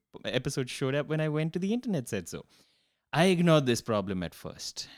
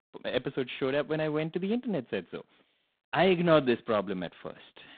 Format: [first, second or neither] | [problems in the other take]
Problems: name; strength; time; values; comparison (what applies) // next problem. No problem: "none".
first | phone-call audio; poor line; nothing above 4 kHz